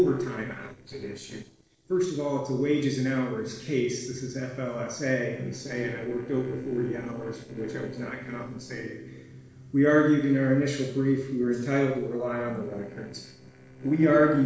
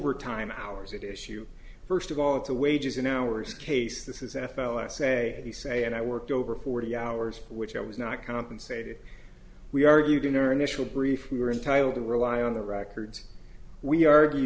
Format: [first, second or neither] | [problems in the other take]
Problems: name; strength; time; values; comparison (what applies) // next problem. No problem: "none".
second | noise reduction (neural separator model SepFormer DNS4)